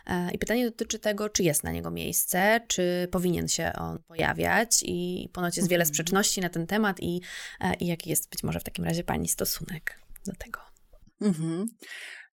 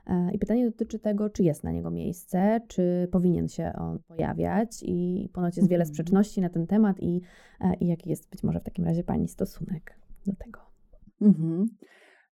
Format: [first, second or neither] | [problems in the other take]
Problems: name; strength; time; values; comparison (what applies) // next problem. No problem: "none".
first | muffled; very; fading above 1 kHz